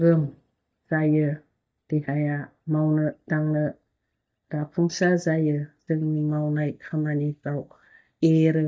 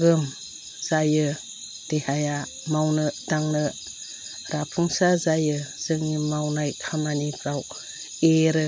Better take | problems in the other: second | noise reduction (neural mask model DeepFilterNet 3)

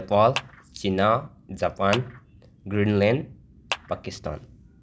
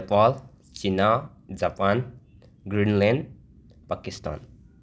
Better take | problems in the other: second | background sound (Clapping); 13 dB below the speech

